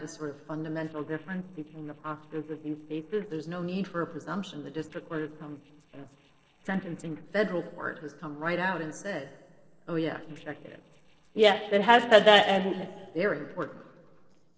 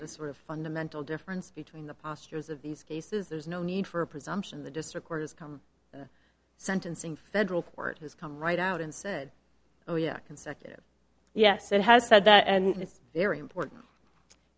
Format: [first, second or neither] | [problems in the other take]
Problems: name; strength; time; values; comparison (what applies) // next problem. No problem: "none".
second | noise reduction (neural separator model SepFormer DNS4)